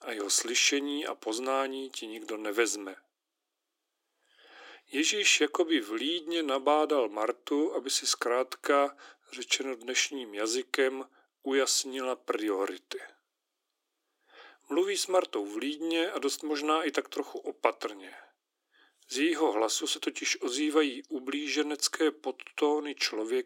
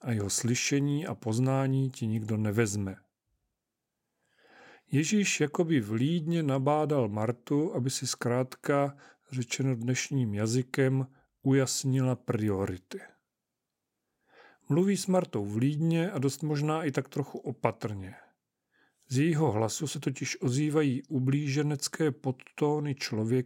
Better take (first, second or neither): second